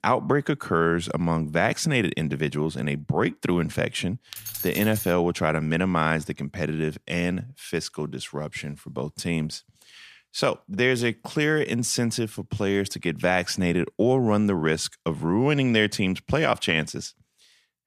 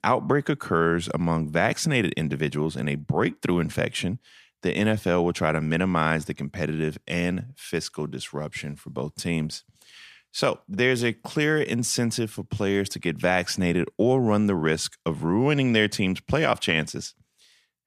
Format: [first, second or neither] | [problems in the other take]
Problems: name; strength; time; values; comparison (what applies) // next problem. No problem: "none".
second | jangling keys; noticeable; at 4.5 s; peak 6 dB below the speech